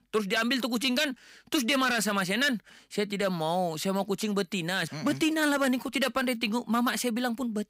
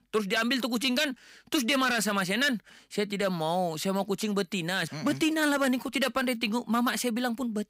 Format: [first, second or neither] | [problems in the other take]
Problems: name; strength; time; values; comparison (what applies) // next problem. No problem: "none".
neither | none